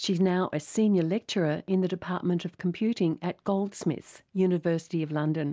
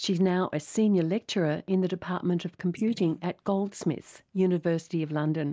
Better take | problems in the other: first | noise reduction (neural mask model Resemble Enhance denoiser)

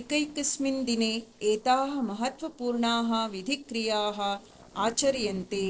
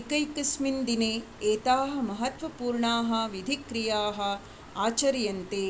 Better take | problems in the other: second | noise reduction (neural separator model SepFormer DNS4)

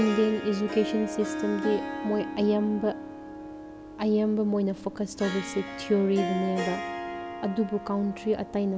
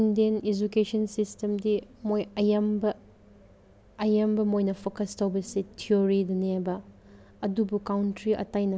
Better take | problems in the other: second | background sound (Harp); 8 dB below the speech

